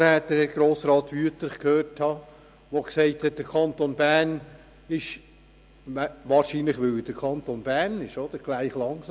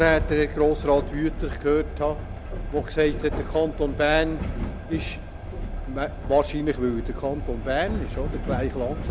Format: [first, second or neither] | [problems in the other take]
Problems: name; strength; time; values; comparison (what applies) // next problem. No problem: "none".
first | background sound (Train); 5 dB below the speech